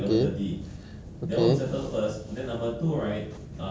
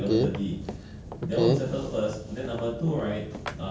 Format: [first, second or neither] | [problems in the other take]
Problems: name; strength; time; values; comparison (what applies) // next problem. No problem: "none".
first | background sound (Run); 16 dB below the speech